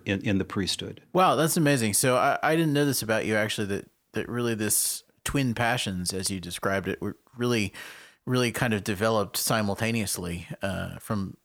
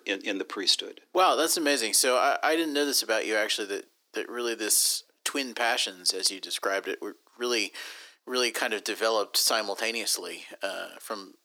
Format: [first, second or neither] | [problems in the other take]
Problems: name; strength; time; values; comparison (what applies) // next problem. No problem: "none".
first | thin; somewhat; fading below 300 Hz